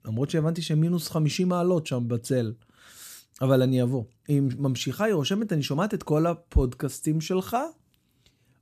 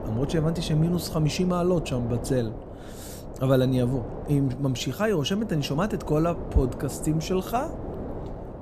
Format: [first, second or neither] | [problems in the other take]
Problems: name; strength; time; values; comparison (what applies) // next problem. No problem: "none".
first | wind noise on the microphone; occasional gusts; 10 dB below the speech